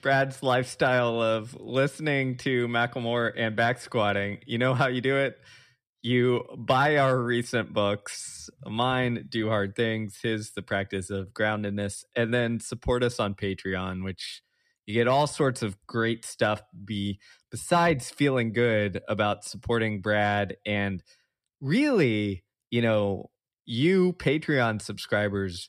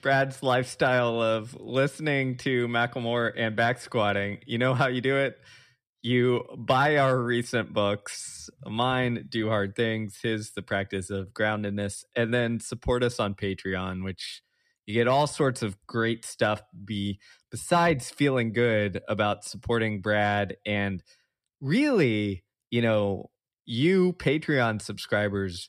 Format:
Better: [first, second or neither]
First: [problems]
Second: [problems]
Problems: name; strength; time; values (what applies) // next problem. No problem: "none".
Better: neither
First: none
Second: none